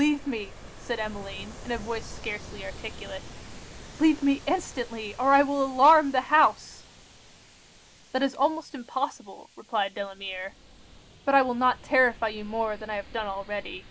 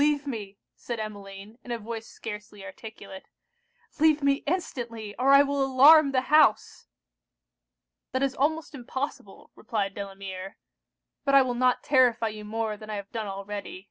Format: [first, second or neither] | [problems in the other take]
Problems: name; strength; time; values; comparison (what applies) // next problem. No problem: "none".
second | background sound (Ocean); 17 dB below the speech